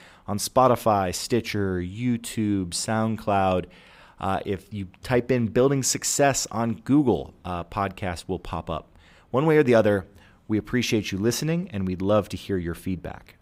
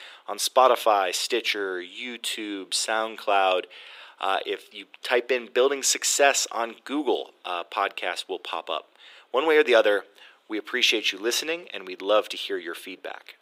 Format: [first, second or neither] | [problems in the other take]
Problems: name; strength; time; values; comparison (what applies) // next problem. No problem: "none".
first | thin; very; fading below 350 Hz